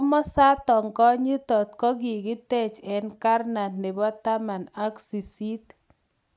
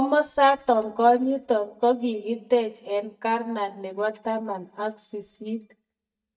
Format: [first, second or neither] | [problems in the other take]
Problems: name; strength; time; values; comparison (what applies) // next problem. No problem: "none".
first | noise reduction (neural mask model DeepFilterNet 3)